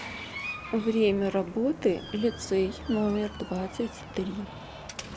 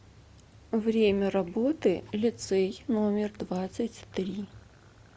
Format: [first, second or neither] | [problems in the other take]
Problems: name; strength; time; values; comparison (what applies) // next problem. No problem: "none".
second | background sound (Door); 12 dB below the speech